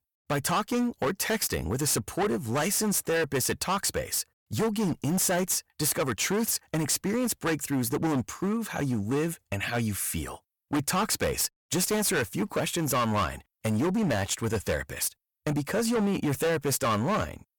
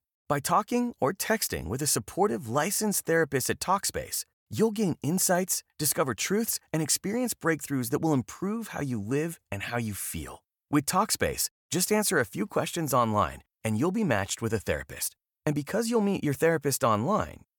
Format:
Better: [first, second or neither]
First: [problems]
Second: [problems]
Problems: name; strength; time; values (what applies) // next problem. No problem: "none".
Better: second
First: distortion; heavy; 16% of the sound clipped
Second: none